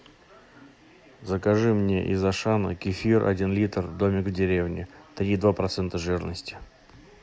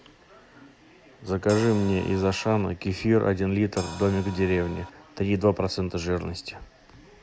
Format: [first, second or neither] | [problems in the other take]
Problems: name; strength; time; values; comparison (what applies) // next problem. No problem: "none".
first | background sound (Crash cymbal); 14 dB below the speech